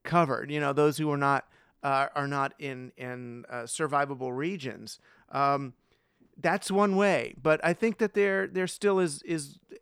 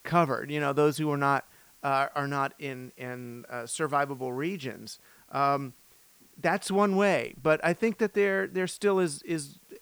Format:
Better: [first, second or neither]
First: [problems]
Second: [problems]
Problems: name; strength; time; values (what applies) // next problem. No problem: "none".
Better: first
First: none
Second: hiss; faint; throughout; 30 dB below the speech